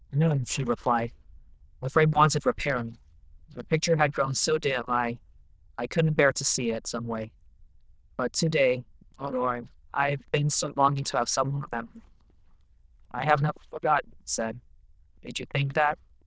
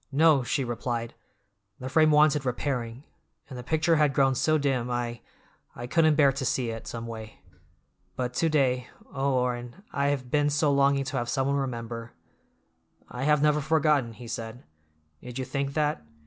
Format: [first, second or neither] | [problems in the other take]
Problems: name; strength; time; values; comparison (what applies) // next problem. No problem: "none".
second | noise reduction (neural diffusion model UNIVERSE++)